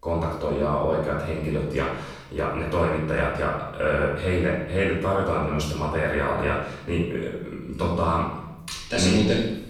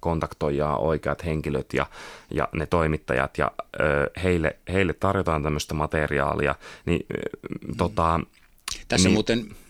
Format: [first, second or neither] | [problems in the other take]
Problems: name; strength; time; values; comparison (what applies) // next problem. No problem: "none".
second | off-mic speech; far // room echo; noticeable; dies away in 0.8 s